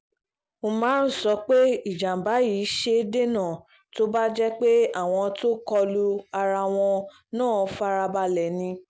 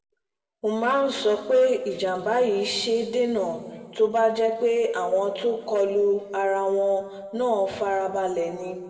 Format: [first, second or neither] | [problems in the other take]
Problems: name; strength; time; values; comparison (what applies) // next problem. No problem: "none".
first | room echo; dies away in 1.6 s